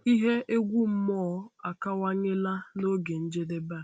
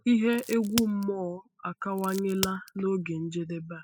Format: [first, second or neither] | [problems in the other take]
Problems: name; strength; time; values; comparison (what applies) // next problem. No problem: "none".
first | noise reduction (classical method spectral subtraction)